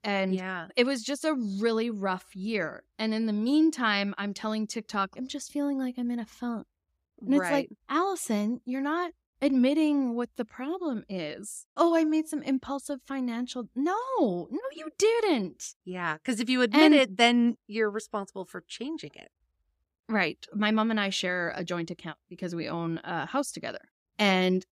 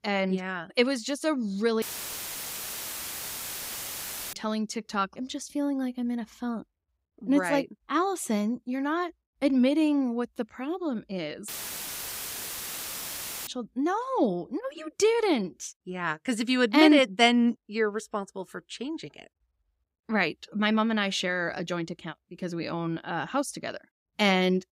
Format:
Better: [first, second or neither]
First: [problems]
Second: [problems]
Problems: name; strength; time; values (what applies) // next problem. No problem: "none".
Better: first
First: none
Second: audio cutting out; filled with static; at 2 s for 2.5 s and at 11 s for 2 s